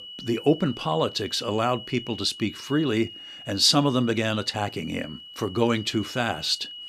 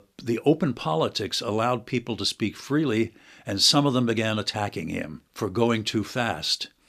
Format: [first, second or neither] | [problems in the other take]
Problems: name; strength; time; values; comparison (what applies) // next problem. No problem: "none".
second | high-pitched whine; noticeable; throughout; 3 kHz, 15 dB below the speech